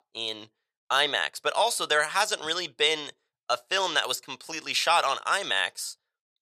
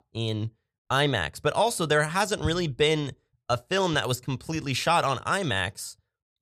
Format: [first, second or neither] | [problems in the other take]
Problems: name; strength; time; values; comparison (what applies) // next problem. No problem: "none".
second | thin; very; fading below 600 Hz